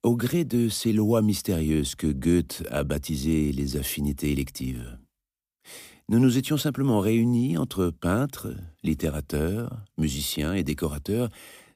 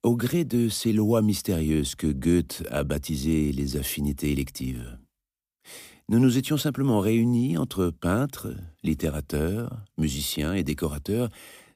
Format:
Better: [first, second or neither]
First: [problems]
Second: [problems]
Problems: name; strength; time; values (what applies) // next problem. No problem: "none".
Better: neither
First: none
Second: none